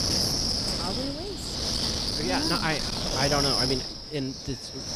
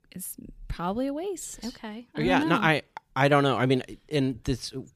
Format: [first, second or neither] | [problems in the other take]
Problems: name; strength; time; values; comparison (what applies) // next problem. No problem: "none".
second | wind noise on the microphone; heavy; 4 dB above the speech